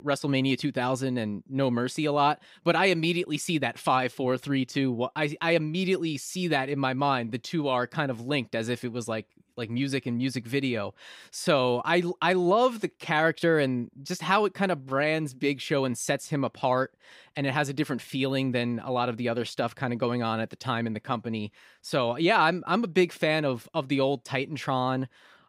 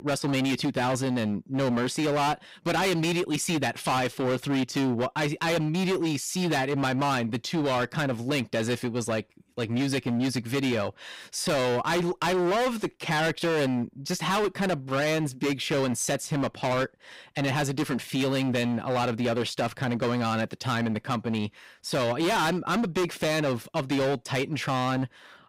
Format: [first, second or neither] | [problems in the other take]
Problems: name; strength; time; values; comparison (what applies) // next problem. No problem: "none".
first | distortion; heavy; 24% of the sound clipped